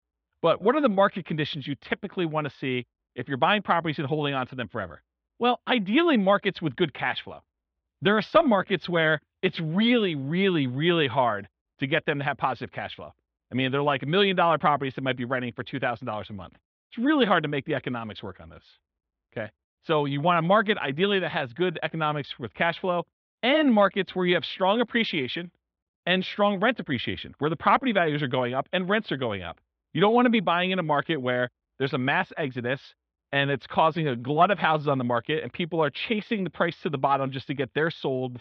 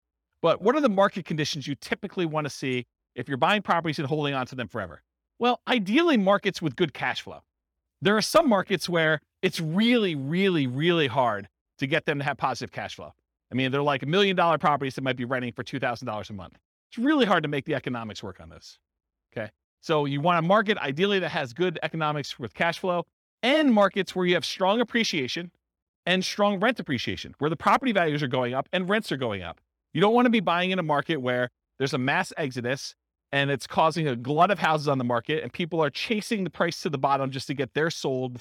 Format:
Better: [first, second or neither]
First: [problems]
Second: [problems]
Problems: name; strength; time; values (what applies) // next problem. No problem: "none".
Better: second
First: muffled; slightly; fading above 3.5 kHz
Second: none